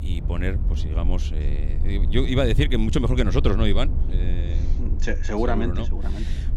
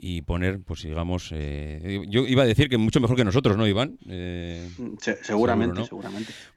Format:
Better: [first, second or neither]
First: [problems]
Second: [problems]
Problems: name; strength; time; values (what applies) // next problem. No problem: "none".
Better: second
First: low rumble; noticeable; throughout; 15 dB below the speech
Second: none